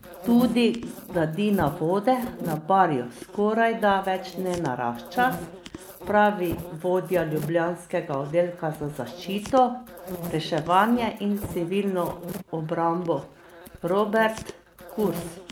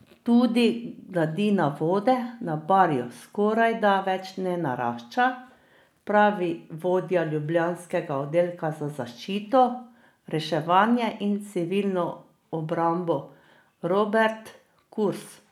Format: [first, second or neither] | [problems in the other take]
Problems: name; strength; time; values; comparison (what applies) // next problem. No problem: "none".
second | background sound (Insect); 14 dB below the speech